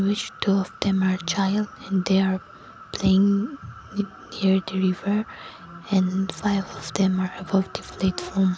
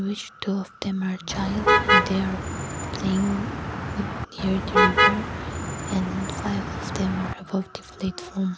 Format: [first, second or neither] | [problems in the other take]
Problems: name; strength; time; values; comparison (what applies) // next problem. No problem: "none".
first | background sound (Motor vehicle (road)); 4 dB above the speech